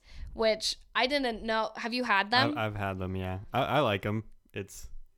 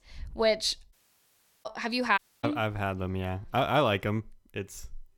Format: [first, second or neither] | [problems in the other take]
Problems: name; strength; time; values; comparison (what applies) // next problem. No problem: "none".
first | audio cutting out; at 1 s for 0.5 s and at 2 s